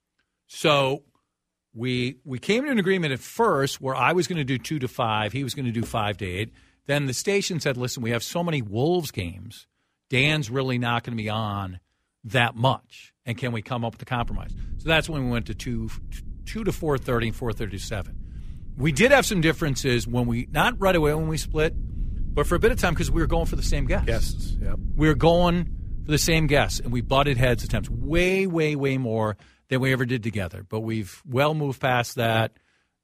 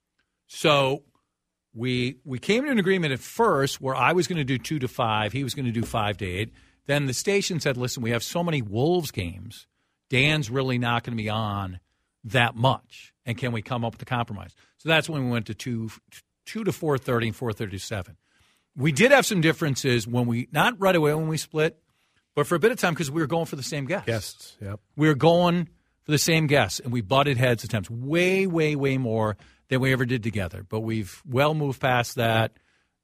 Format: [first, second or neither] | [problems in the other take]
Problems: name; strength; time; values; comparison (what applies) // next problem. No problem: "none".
second | low rumble; faint; from 14 to 28 s; 25 dB below the speech